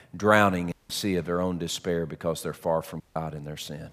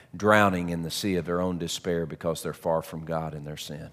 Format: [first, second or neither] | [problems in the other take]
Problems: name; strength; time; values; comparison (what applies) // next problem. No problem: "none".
second | audio cutting out; at 0.5 s and at 3 s